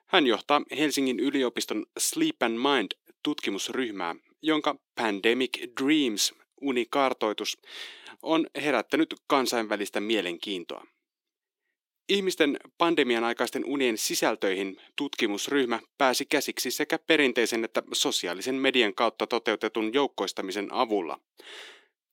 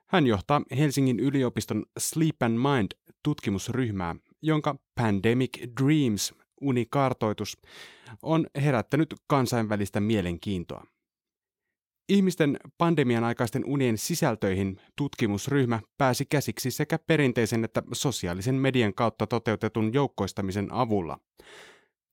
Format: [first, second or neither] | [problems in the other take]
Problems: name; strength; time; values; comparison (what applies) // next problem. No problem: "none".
second | thin; somewhat; fading below 300 Hz